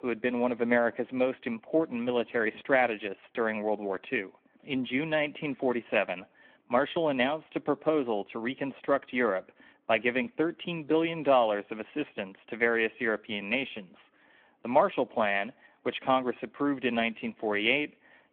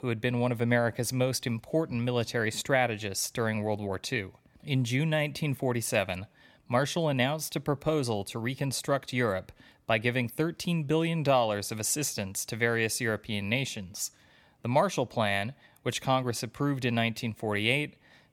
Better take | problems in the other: second | phone-call audio

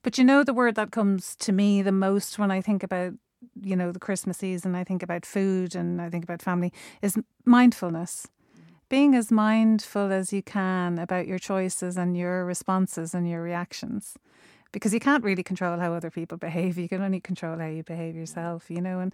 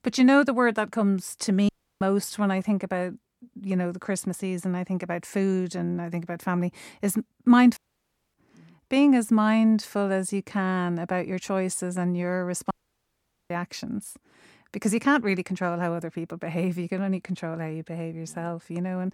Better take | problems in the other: first | audio cutting out; at 1.5 s, at 8 s for 0.5 s and at 13 s for 1 s

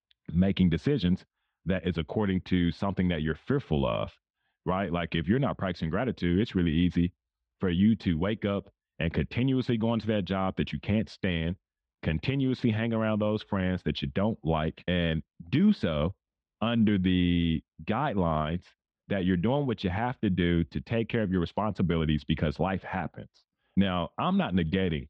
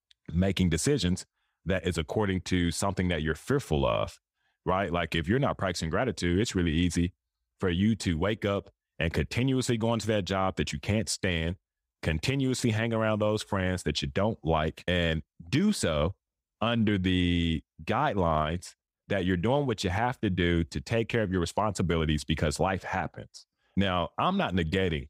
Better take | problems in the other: second | muffled; slightly; fading above 3.5 kHz

